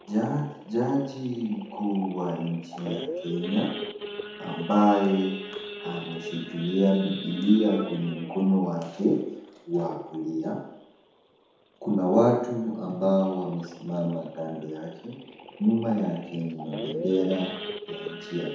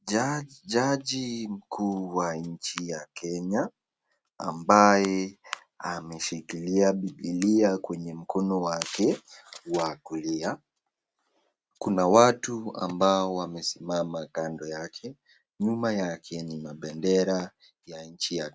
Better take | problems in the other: second | background sound (Idling / Sawing / Accelerating, revving, vroom); 13 dB below the speech // room echo; dies away in 0.9 s

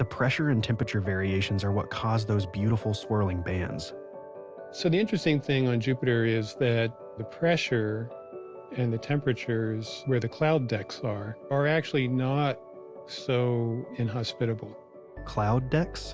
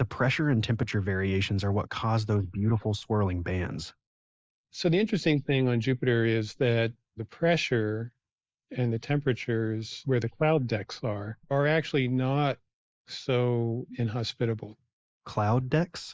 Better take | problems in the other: first | noise reduction (neural mask model Resemble Enhance denoiser)

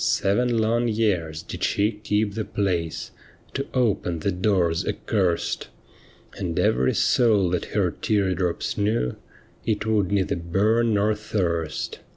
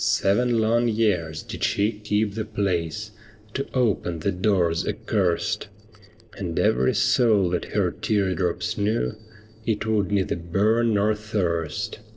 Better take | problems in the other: first | noise reduction (neural separator model SepFormer DNS4)

